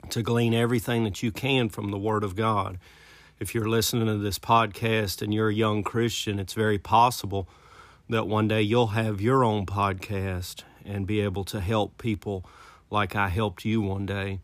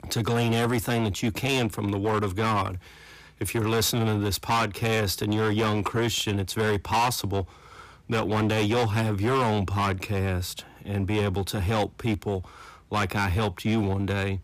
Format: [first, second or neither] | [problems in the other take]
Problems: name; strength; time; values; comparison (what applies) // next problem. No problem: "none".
first | distortion; heavy; 14% of the sound clipped